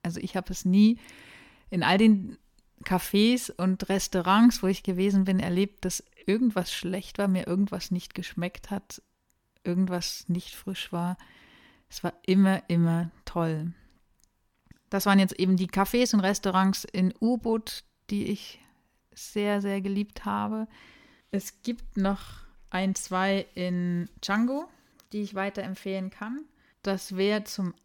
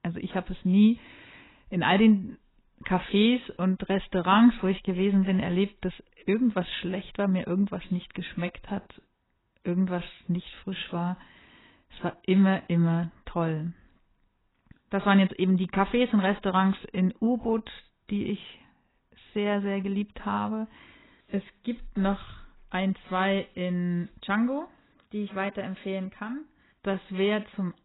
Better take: first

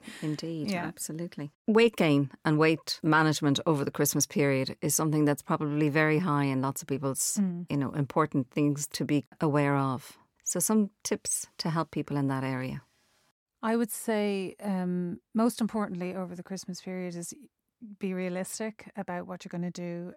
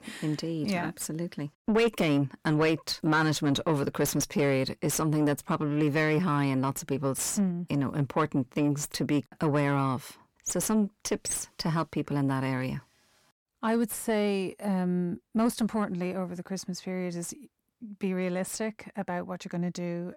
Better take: first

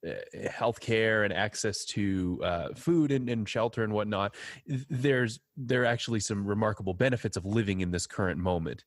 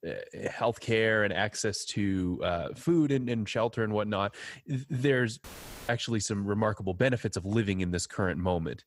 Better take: first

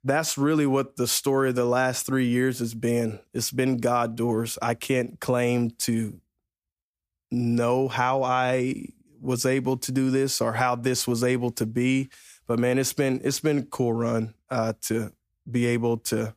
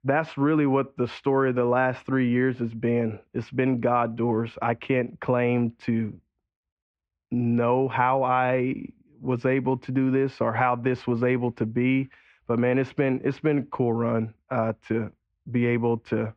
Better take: first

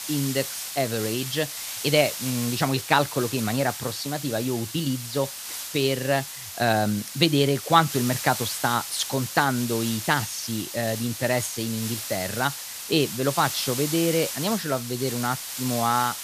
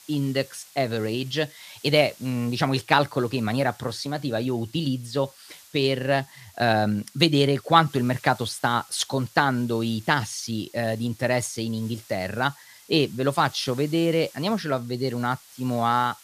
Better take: second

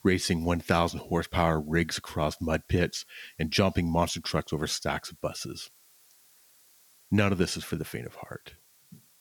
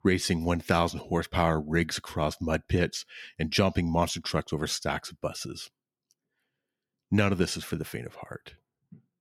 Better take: second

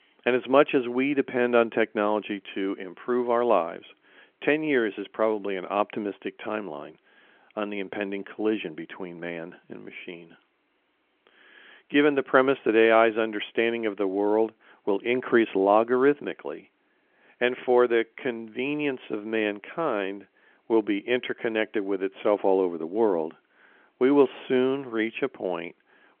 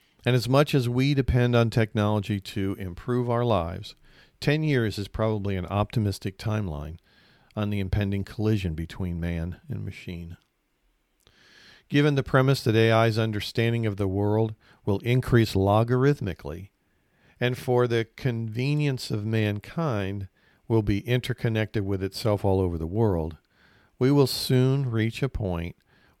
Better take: second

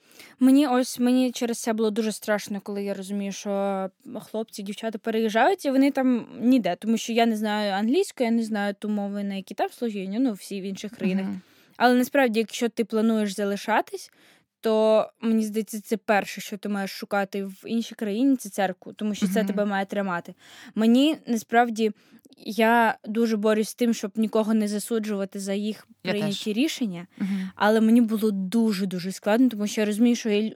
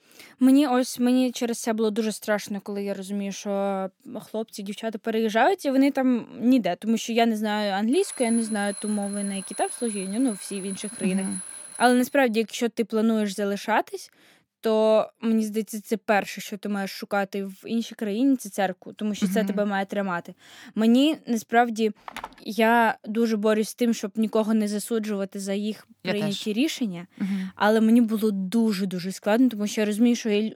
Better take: first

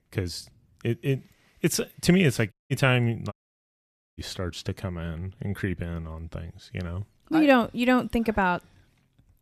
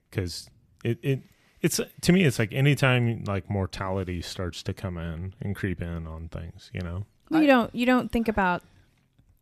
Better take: second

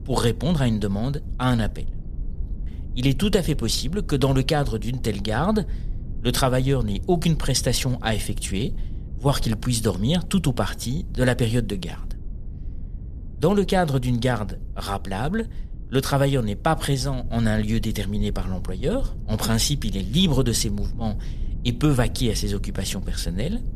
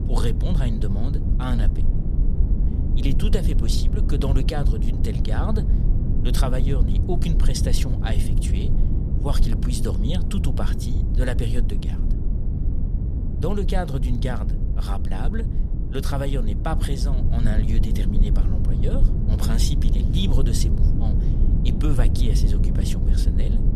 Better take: first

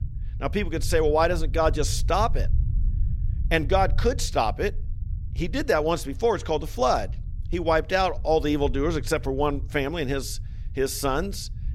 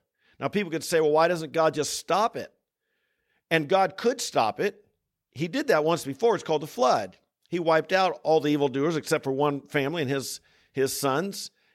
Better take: second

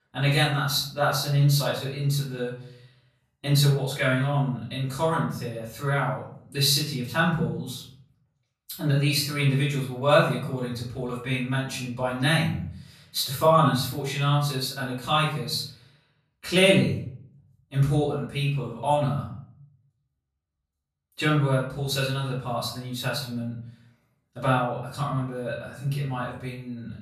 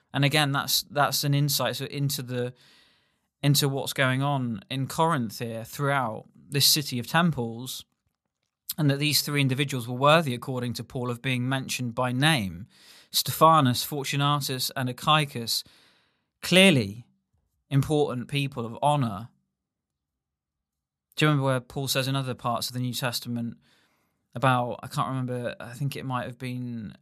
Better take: second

